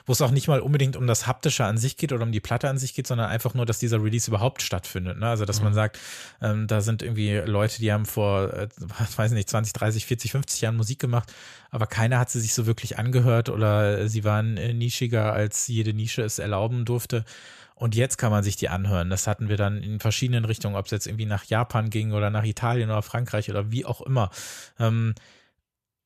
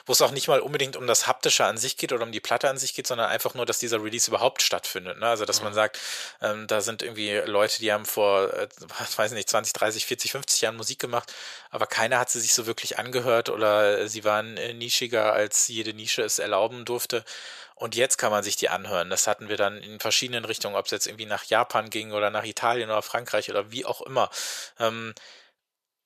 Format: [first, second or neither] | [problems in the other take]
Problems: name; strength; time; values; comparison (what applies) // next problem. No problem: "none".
first | thin; very; fading below 500 Hz